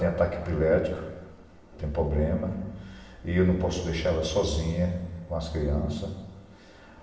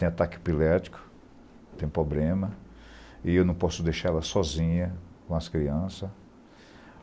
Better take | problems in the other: second | room echo; dies away in 1.3 s

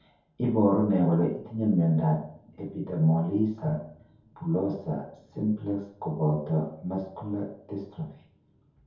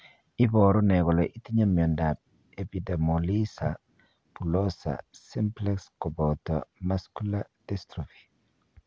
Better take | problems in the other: second | room echo; dies away in 0.6 s

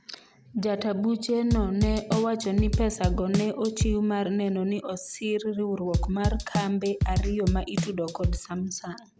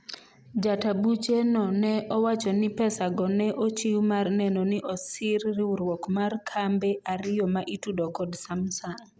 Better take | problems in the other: second | background sound (Drum / Drum kit); as loud as the speech

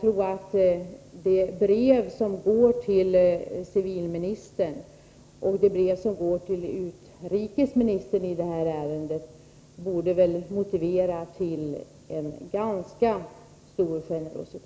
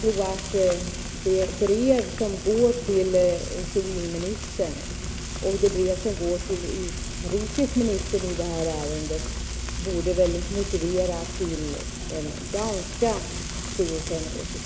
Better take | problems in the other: first | background sound (Frying (food)); 6 dB below the speech

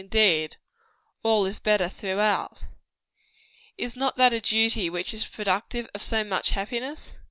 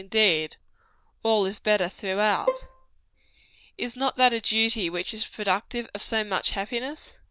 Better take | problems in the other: first | noise reduction (neural diffusion model UNIVERSE++)

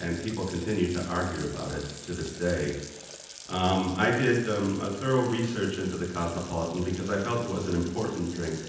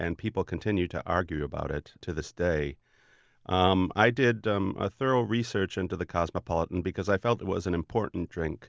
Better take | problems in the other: second | background sound (Water tap, faucet); 16 dB below the speech // room echo; dies away in 0.9 s

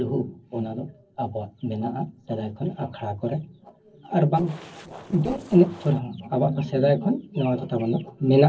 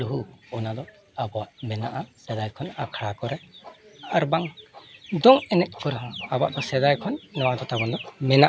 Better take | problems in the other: second | noise reduction (neural separator model SepFormer DNS4)

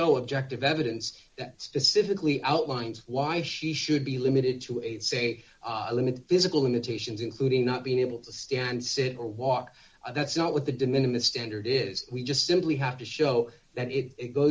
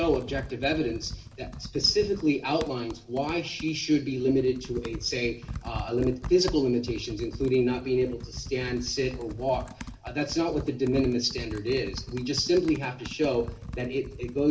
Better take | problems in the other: first | background sound (Computer keyboard); 12 dB below the speech // room echo; dies away in 0.8 s

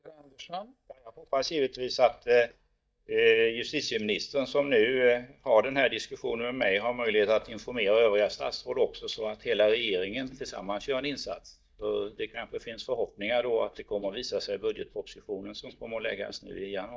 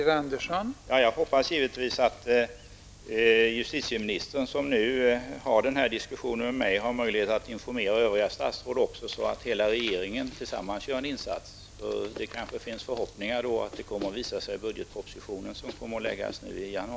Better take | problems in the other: second | noise reduction (neural mask model DeepFilterNet 3)

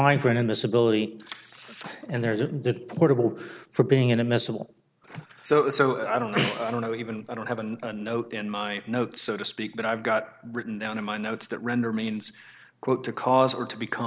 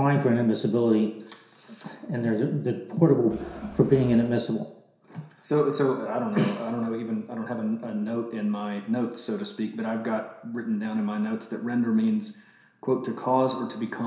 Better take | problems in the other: first | background sound (Crowd); 13 dB below the speech // room echo; dies away in 0.7 s

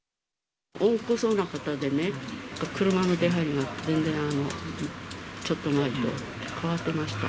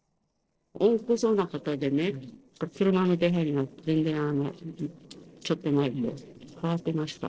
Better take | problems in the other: first | noise reduction (neural separator model SepFormer DNS4)

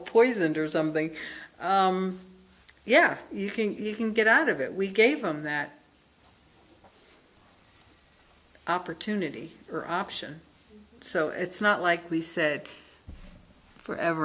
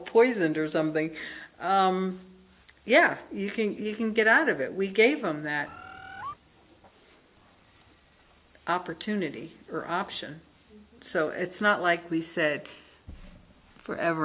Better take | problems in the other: first | background sound (Bird); 13 dB below the speech

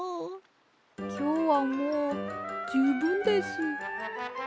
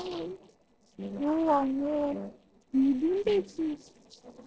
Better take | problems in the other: first | noise reduction (neural separator model SepFormer DNS4)

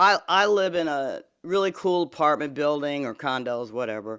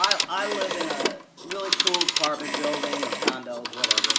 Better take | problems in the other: first | background sound (Telephone); 4 dB above the speech // room echo; dies away in 0.5 s

